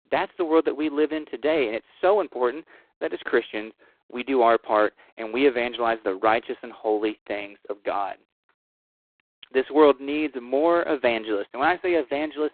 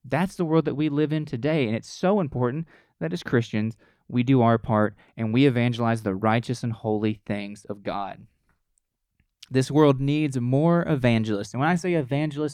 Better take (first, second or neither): second